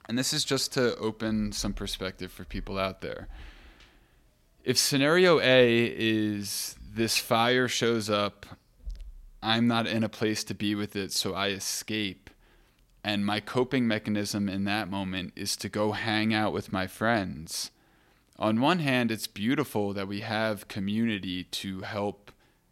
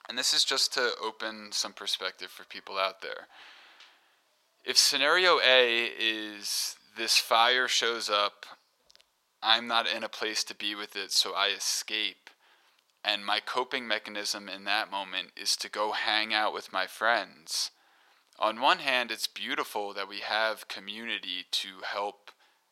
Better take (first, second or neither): first